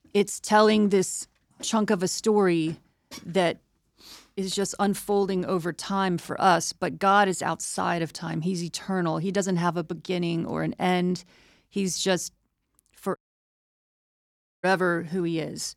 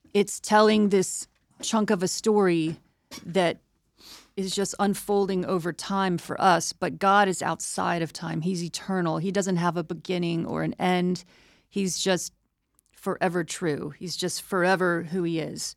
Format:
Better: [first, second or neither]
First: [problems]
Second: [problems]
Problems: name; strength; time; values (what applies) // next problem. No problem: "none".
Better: second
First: audio cutting out; at 13 s for 1.5 s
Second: none